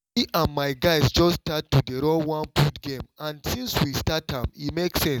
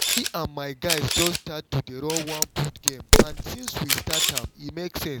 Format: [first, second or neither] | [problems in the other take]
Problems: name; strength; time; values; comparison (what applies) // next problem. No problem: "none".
first | background sound (Camera + Crack); 4 dB above the speech